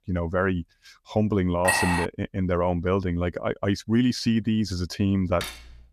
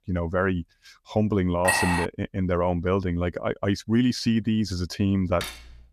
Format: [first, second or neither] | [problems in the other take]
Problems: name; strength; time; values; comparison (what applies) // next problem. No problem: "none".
neither | clattering dishes; loud; at 1.5 s; peak 2 dB above the speech; the same in both // clattering dishes; faint; at 5.5 s; peak 10 dB below the speech; the same in both